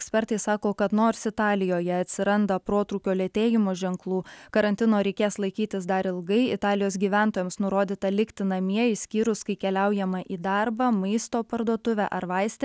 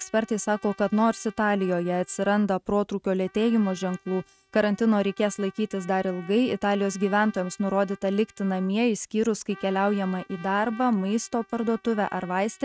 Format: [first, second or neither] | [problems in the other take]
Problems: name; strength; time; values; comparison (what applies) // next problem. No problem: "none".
first | noise reduction (neural mask model RNNoise)